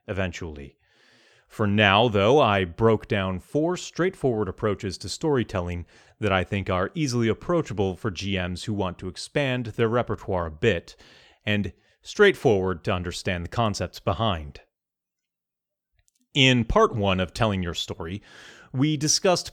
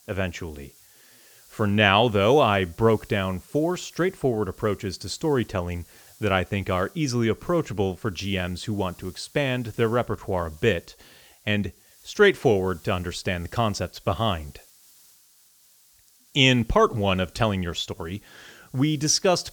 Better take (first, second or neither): first